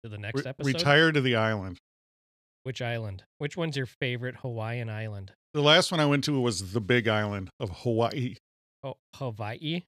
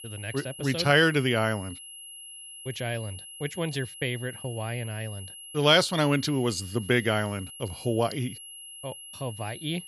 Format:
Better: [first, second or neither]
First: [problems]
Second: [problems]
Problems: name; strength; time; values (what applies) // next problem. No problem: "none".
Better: first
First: none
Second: high-pitched whine; noticeable; throughout; 3 kHz, 15 dB below the speech